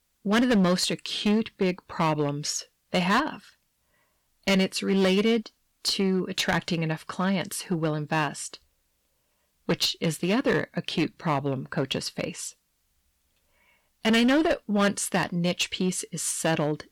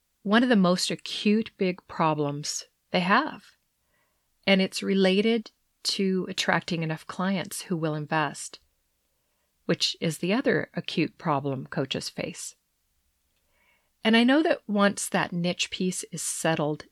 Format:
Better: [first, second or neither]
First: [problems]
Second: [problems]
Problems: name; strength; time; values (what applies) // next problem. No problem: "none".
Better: second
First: distortion; slight; 6% of the sound clipped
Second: none